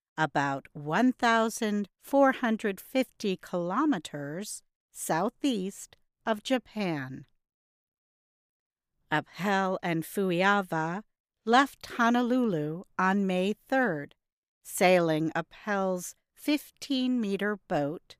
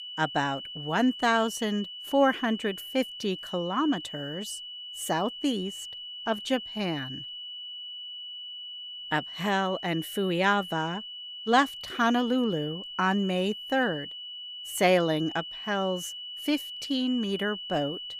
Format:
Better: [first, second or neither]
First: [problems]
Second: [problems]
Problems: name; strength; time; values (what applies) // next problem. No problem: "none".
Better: first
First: none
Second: high-pitched whine; loud; throughout; 3 kHz, 9 dB below the speech